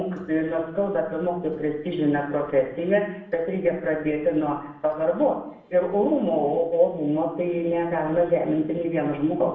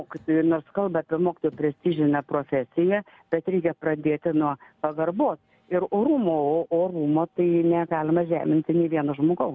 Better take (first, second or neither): second